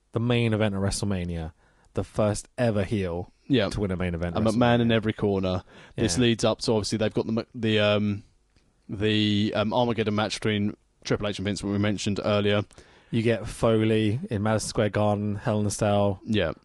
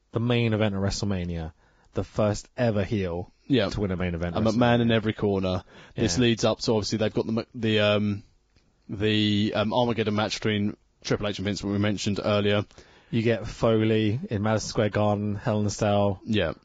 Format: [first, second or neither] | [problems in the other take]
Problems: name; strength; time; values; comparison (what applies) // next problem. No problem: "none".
first | garbled, watery; badly; nothing above 7.5 kHz; slightly in the first